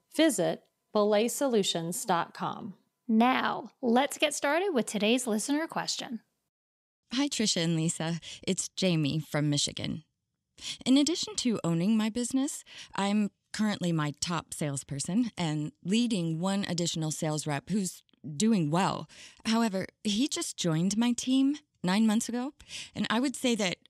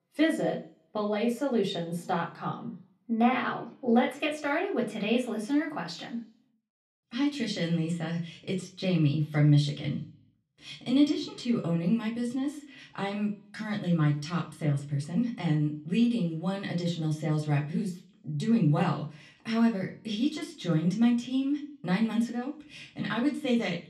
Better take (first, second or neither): first